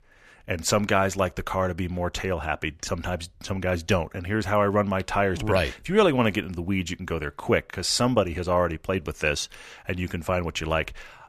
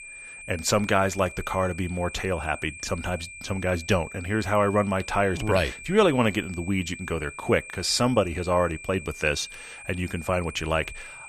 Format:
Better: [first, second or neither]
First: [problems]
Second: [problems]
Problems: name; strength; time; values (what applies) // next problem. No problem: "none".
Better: first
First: none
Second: high-pitched whine; noticeable; throughout; 2.5 kHz, 15 dB below the speech